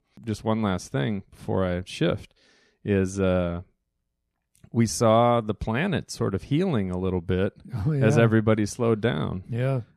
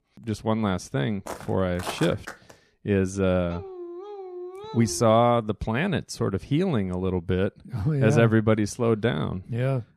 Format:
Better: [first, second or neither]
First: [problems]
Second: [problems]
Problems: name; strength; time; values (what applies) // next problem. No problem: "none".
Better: first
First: none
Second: footsteps; noticeable; from 1.5 to 2.5 s; peak 9 dB below the speech // dog barking; faint; from 3.5 to 5 s; peak 15 dB below the speech